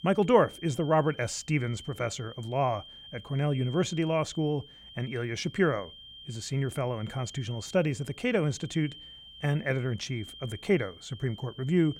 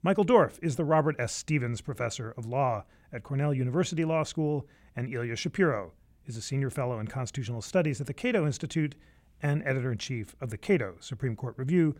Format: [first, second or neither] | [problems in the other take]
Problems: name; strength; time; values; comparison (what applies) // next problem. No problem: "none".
second | high-pitched whine; noticeable; throughout; 3 kHz, 15 dB below the speech